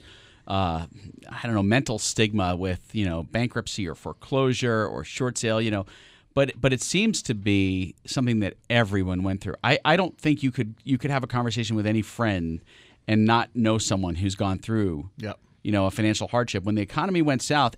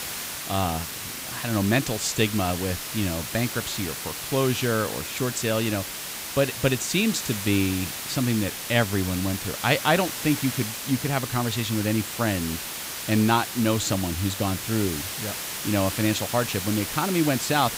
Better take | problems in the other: first | hiss; loud; throughout; 5 dB below the speech

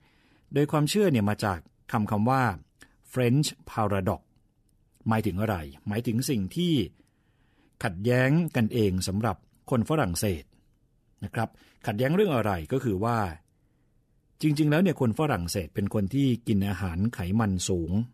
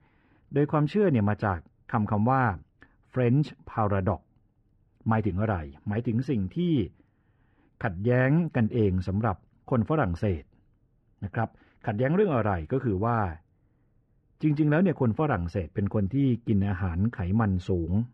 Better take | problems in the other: first | muffled; very; fading above 1.5 kHz

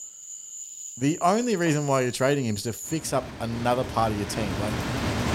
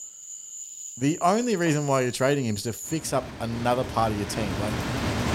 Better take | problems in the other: neither | animal sounds; loud; throughout; 8 dB below the speech; the same in both

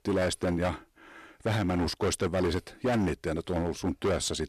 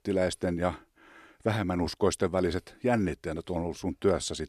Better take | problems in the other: second | distortion; heavy; 16% of the sound clipped

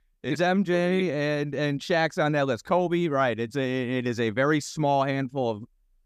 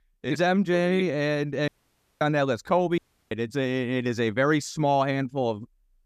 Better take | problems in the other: first | audio cutting out; at 1.5 s for 0.5 s and at 3 s

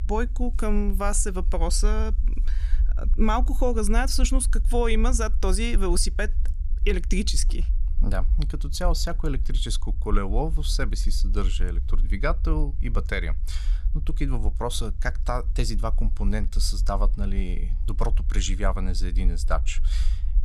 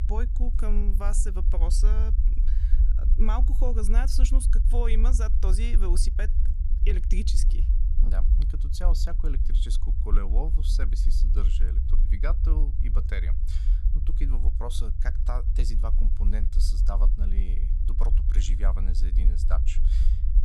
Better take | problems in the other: first | low rumble; loud; throughout; 9 dB below the speech; faint in the first

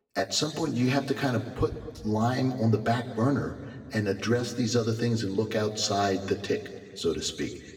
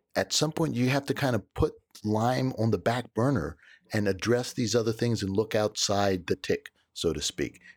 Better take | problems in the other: second | room echo; slight; dies away in 1.8 s // off-mic speech; somewhat distant

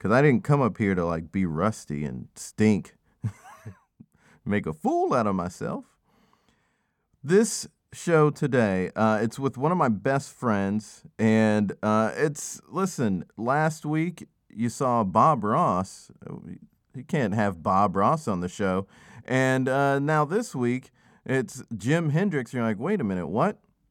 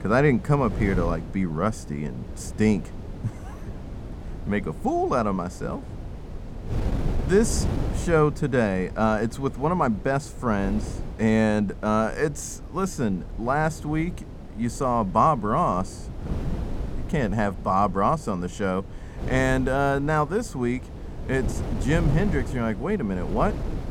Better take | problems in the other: first | wind noise on the microphone; occasional gusts; 15 dB below the speech

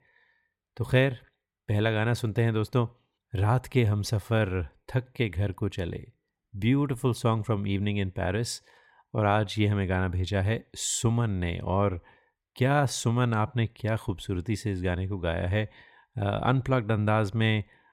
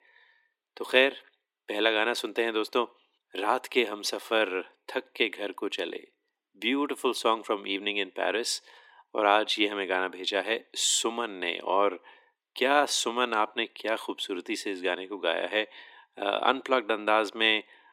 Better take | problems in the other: first | thin; very; fading below 300 Hz

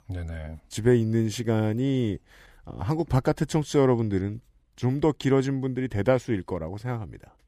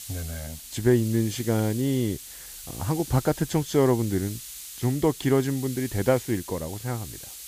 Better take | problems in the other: first | hiss; noticeable; throughout; 10 dB below the speech

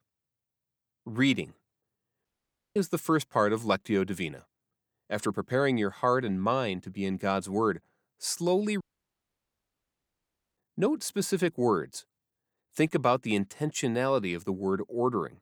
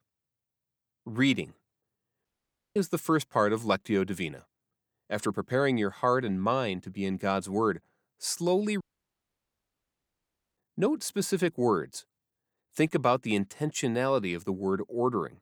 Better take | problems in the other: neither | audio cutting out; at 2.5 s for 0.5 s and at 9 s for 2 s; the same in both

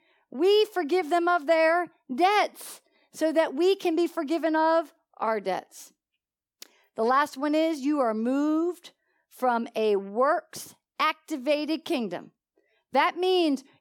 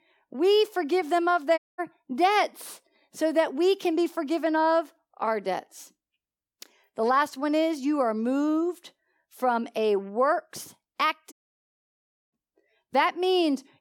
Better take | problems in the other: first | audio cutting out; at 1.5 s and at 11 s for 1 s

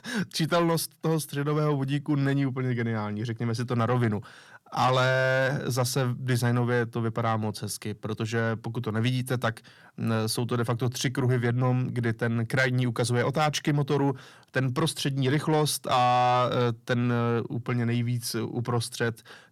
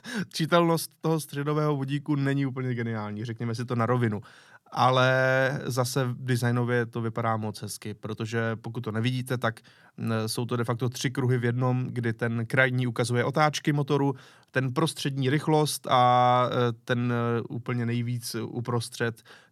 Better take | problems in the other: second | distortion; slight; 10 dB below the speech

